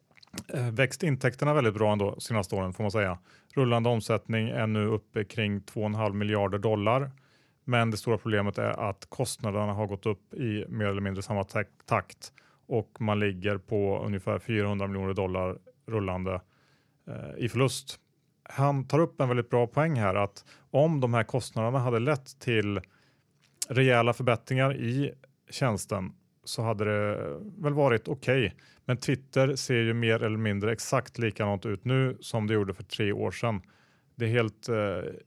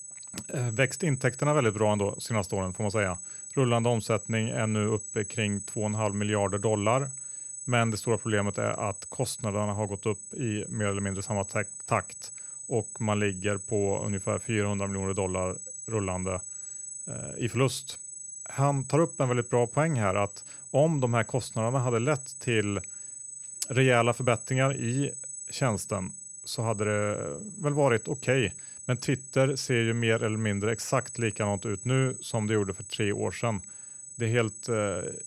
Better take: first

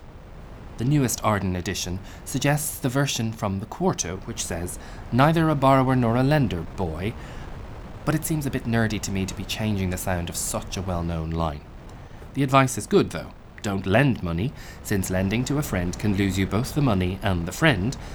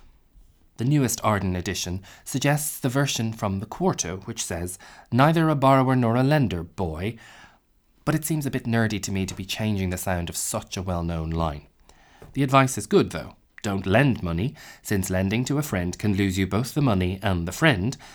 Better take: second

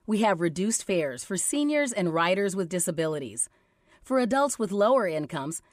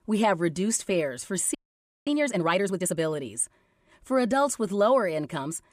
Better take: first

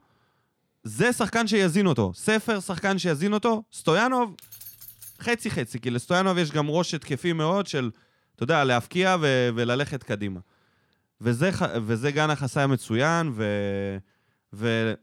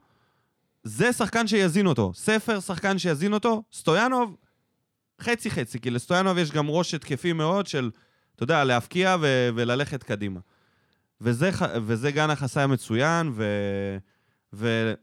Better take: second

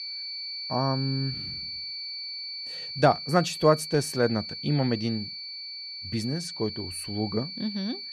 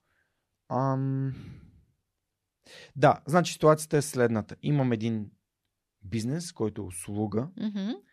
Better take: second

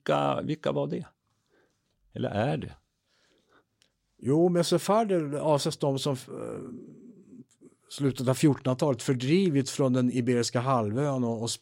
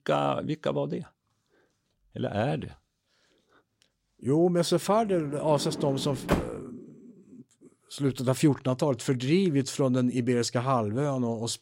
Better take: first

